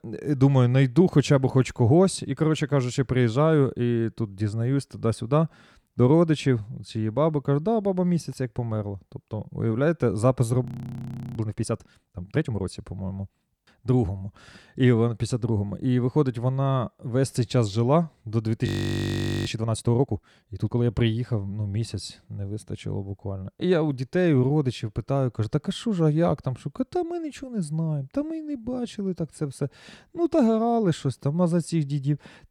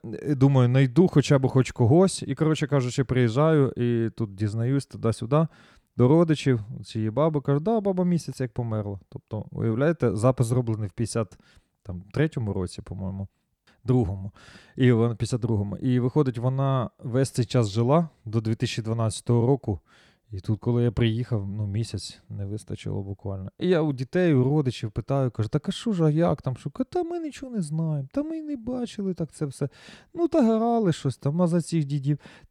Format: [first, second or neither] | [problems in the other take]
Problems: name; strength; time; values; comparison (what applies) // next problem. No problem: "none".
second | audio freezing; at 11 s for 0.5 s and at 19 s for 1 s